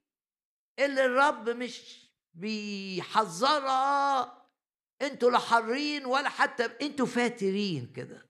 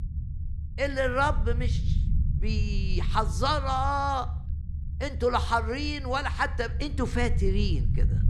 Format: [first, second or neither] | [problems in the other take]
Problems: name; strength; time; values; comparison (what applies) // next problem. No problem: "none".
first | low rumble; noticeable; throughout; 20 dB below the speech